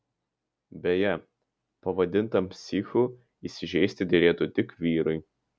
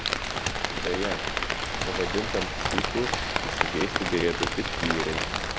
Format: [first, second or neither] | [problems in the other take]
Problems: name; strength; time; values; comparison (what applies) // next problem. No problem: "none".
first | background sound (Rain); 3 dB above the speech